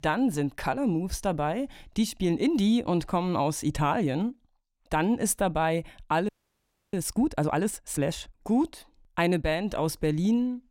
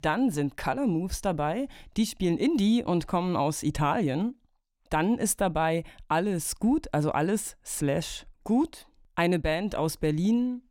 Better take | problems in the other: second | audio freezing; at 6.5 s for 0.5 s

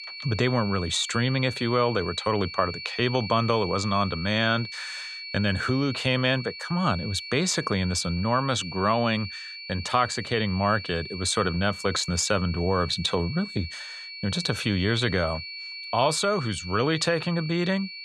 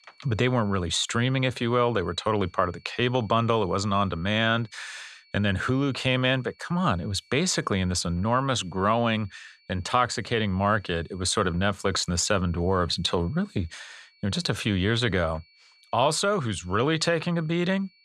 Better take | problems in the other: second | high-pitched whine; loud; throughout; 4.5 kHz, 10 dB below the speech; faint in the second

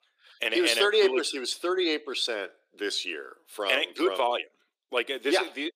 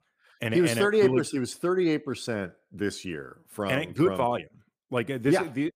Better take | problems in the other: second | thin; somewhat; fading below 350 Hz

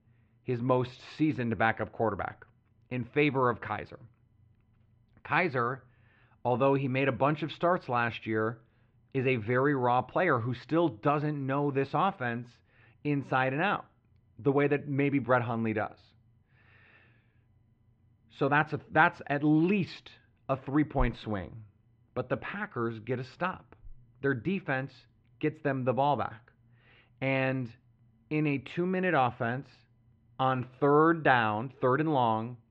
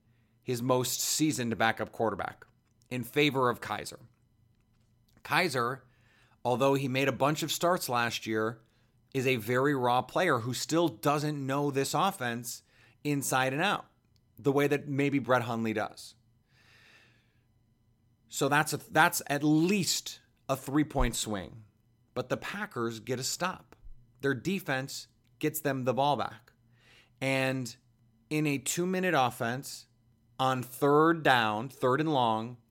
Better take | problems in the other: second | muffled; very; fading above 3 kHz

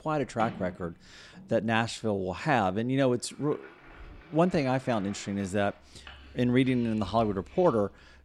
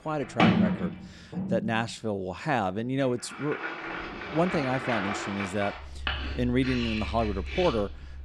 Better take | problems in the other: first | household noises; loud; throughout; 2 dB below the speech; faint in the first

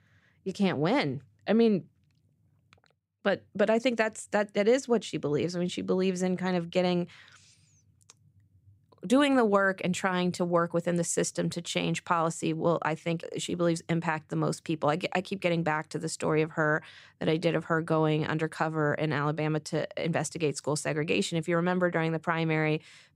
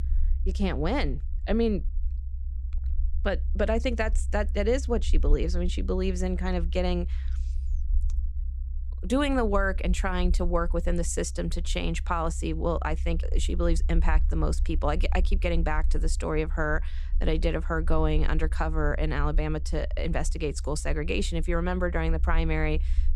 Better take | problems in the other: first | low rumble; faint; throughout; 20 dB below the speech

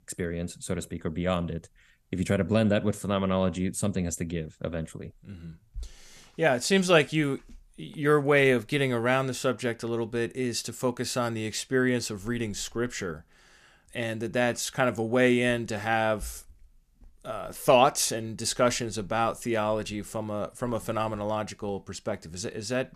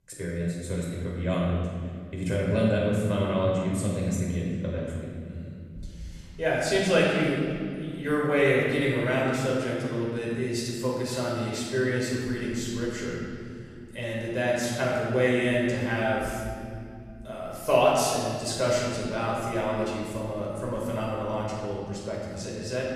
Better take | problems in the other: first | room echo; strong; dies away in 2.6 s // off-mic speech; far

